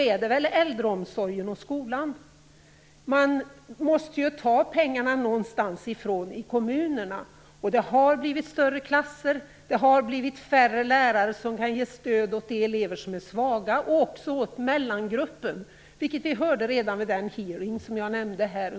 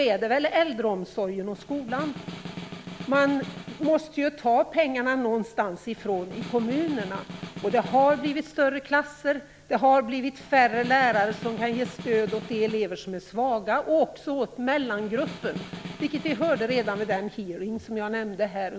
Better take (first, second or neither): first